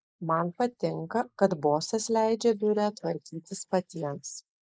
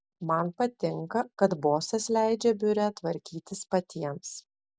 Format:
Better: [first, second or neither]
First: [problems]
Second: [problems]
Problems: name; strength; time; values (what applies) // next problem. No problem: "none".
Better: second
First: noise reduction (neural mask model Resemble Enhance denoiser)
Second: none